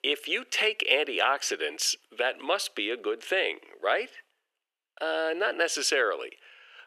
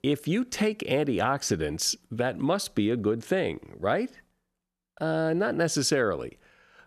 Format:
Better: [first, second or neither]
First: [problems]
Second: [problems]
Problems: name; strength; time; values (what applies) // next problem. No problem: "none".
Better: second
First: thin; very; fading below 400 Hz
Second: none